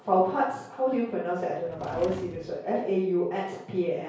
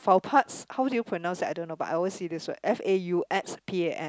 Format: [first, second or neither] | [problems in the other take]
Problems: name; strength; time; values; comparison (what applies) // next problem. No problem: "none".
second | background sound (Drawer open or close); 16 dB below the speech // room echo; dies away in 0.6 s